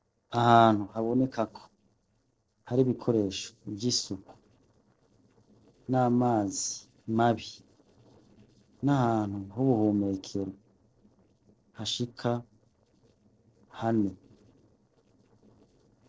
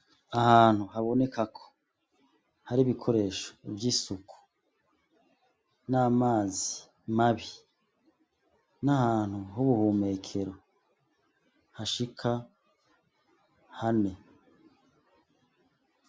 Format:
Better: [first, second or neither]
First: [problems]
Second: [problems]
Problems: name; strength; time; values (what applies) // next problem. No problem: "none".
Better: second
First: noise reduction (neural separator model SepFormer DNS4)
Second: none